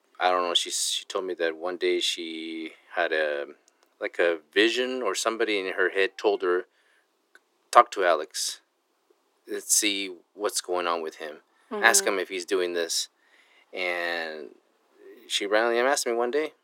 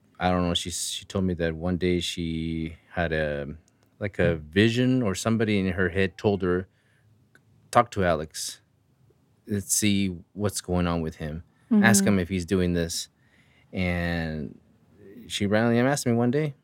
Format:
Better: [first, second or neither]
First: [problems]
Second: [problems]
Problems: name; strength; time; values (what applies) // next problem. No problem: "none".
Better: second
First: thin; very; fading below 350 Hz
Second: none